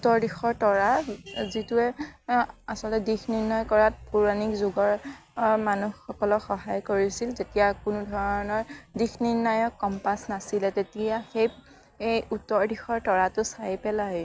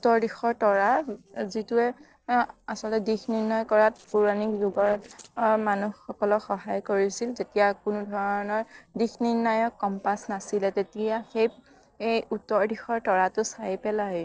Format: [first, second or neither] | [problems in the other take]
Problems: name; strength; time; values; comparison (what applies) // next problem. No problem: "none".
first | noise reduction (neural separator model SepFormer DNS4)